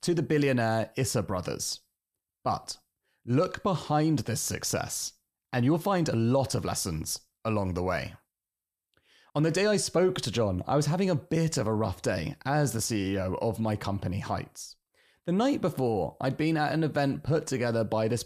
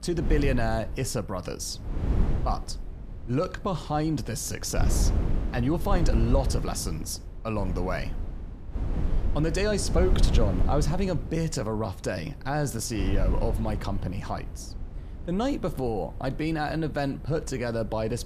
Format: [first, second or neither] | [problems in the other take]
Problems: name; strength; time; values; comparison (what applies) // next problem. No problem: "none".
first | wind noise on the microphone; occasional gusts; 10 dB below the speech